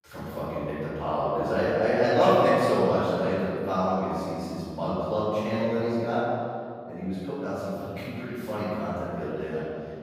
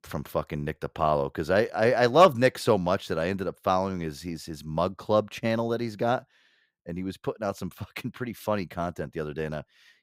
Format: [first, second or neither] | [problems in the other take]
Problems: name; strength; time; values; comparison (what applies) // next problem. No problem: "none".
second | room echo; strong; dies away in 2.3 s // off-mic speech; far